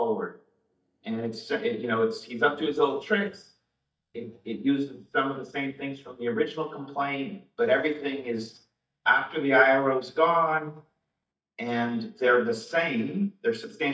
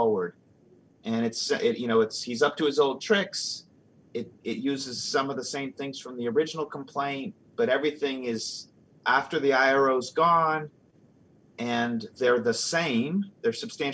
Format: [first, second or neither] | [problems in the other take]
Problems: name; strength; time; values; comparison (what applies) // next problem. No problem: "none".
second | noise reduction (neural mask model DeepFilterNet 3)